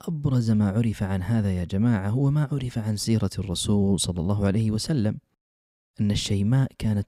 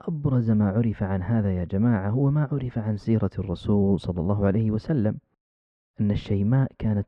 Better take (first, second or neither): first